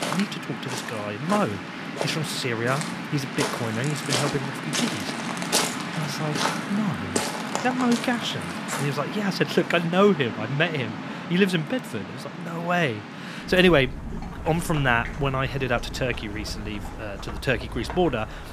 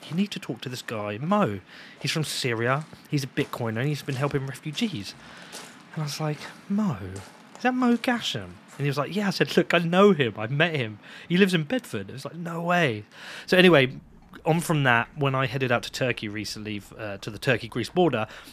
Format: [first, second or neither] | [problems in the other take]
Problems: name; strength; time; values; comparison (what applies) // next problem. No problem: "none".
second | rain or running water; loud; throughout; 5 dB below the speech; faint in the second